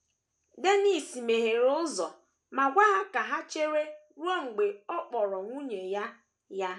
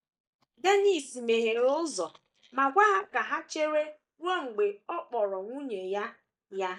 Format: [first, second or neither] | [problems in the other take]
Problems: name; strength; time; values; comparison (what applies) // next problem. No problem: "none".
first | noise reduction (neural mask model DeepFilterNet 3)